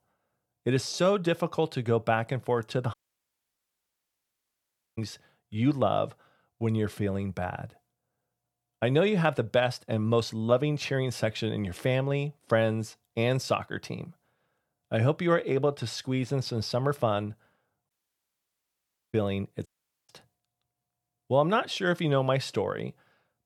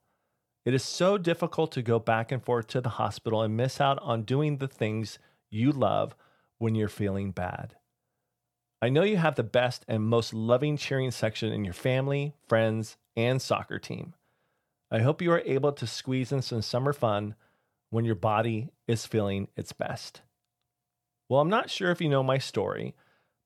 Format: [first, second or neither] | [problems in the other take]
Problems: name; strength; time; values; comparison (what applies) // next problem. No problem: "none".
second | audio cutting out; at 3 s for 2 s, at 18 s for 1 s and at 20 s